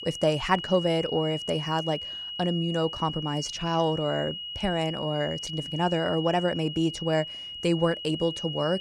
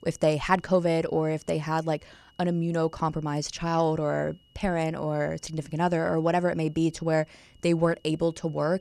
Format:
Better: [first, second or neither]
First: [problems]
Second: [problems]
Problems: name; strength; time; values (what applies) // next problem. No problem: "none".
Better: second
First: high-pitched whine; loud; throughout; 3 kHz, 7 dB below the speech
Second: high-pitched whine; faint; throughout; 3 kHz, 35 dB below the speech